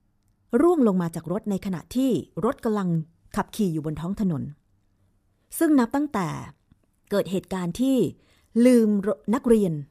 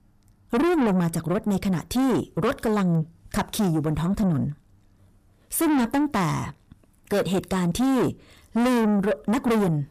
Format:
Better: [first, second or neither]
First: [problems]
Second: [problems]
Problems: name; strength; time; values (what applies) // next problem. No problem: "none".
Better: first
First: none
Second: distortion; heavy; 5 dB below the speech